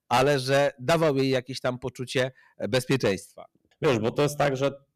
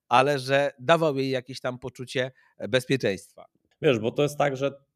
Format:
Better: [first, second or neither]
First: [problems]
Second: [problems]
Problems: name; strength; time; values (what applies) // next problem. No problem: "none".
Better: second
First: distortion; heavy; 10% of the sound clipped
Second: none